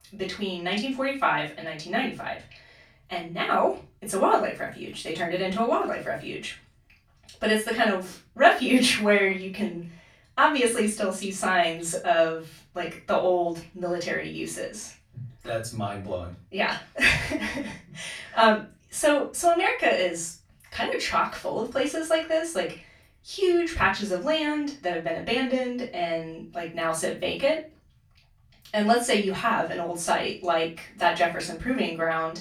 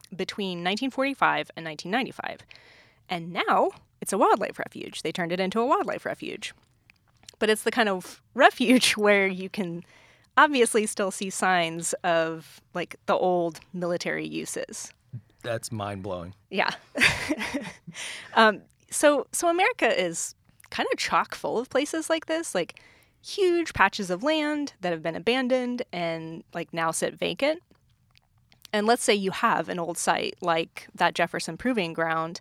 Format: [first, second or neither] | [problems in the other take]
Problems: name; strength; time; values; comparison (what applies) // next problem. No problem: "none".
second | off-mic speech; far // room echo; slight; dies away in 0.3 s